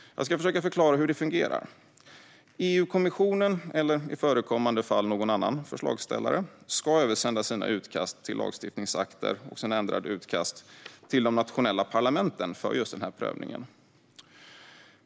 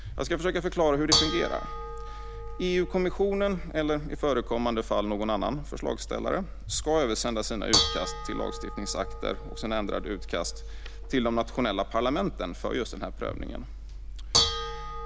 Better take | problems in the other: first | background sound (Dishes, pots, and pans / Bell); 4 dB below the speech

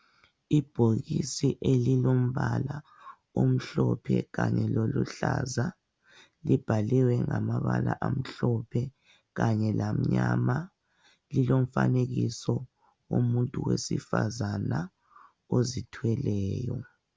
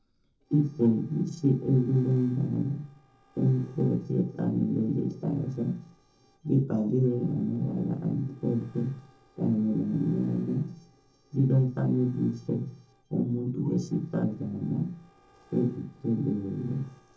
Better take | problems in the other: first | noise reduction (neural separator model SepFormer DNS4)

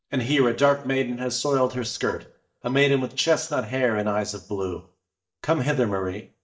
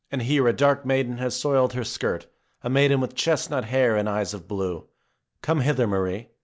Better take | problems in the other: second | noise reduction (neural mask model DeepFilterNet 3)

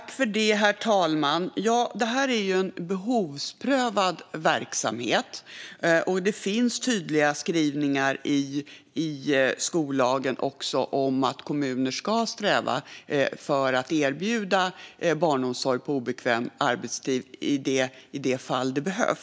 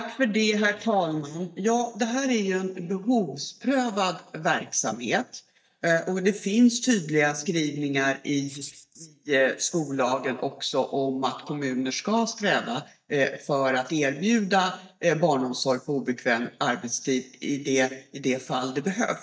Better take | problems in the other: first | noise reduction (neural mask model DeepFilterNet 3)

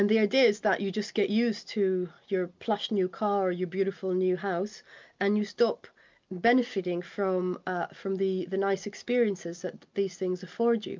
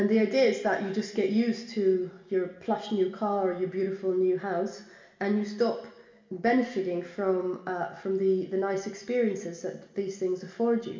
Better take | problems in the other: first | room echo; dies away in 1 s

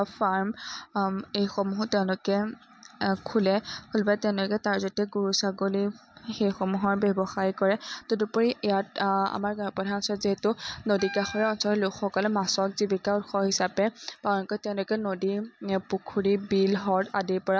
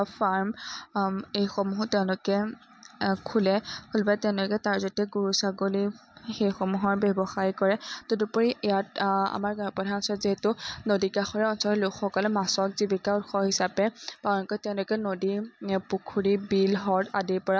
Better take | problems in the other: second | background sound (Wind instrument, woodwind instrument); 14 dB below the speech

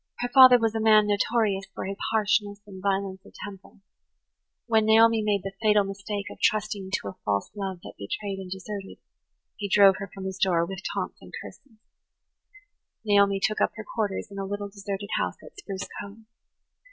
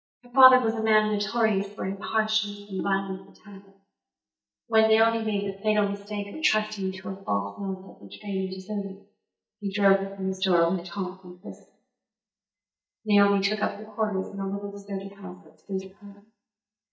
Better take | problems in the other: first | noise reduction (neural mask model DeepFilterNet 3)

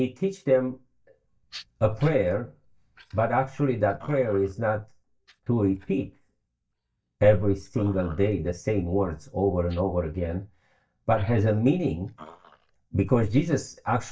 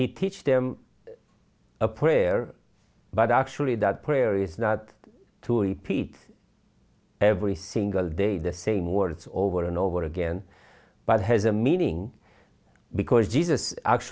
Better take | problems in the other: second | noise reduction (neural mask model DeepFilterNet 3)

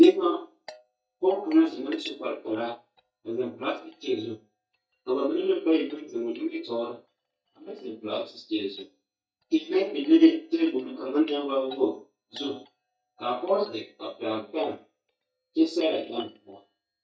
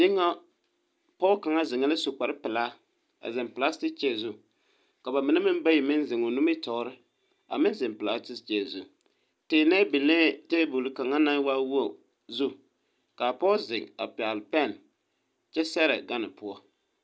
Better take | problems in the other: second | noise reduction (neural mask model DeepFilterNet 3)

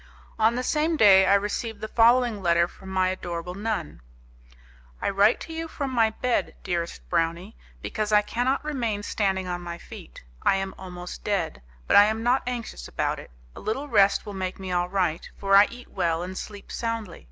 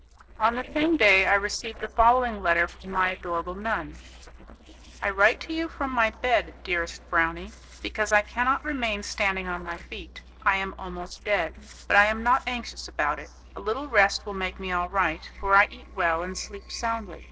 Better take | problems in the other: first | noise reduction (neural separator model SepFormer DNS4)

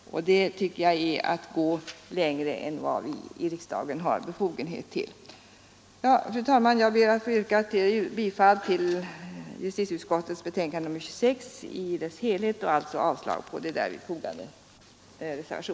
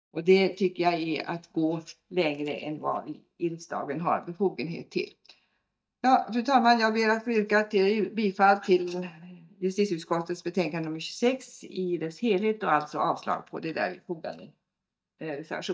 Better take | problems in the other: first | noise reduction (neural mask model DeepFilterNet 3)

